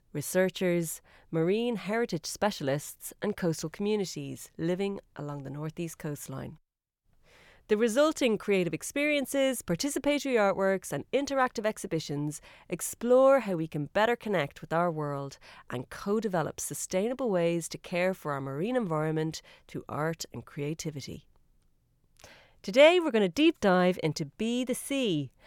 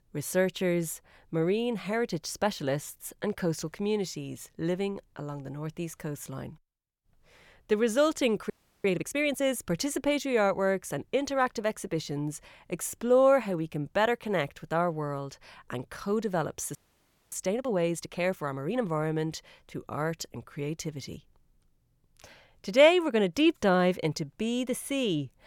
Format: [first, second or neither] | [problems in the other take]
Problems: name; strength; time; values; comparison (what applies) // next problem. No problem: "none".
first | audio freezing; at 8.5 s and at 17 s for 0.5 s